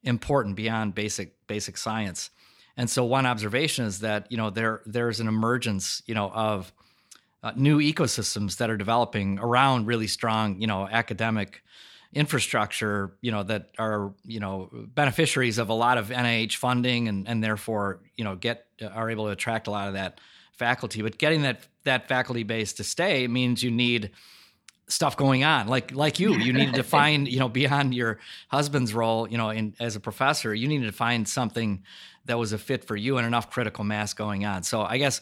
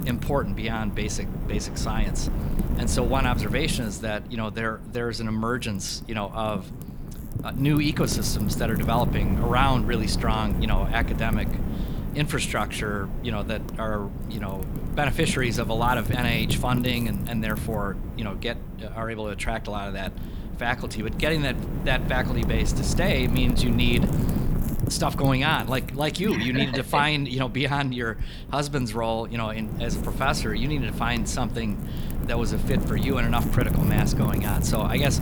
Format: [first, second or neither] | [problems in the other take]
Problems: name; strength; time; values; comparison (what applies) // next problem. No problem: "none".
first | wind noise on the microphone; heavy; 10 dB below the speech